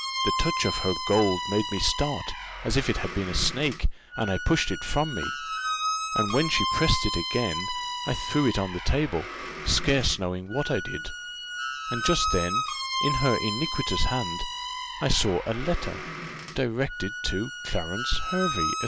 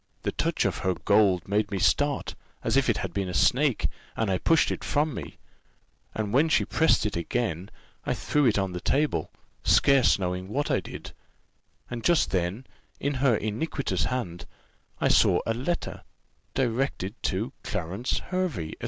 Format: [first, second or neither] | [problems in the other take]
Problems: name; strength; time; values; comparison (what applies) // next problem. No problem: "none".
second | background sound (Squeak); 4 dB below the speech